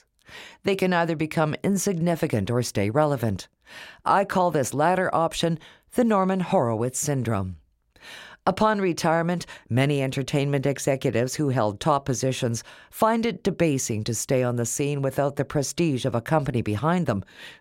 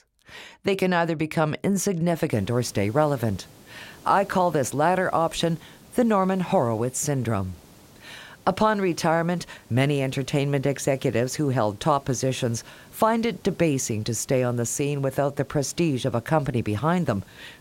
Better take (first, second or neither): first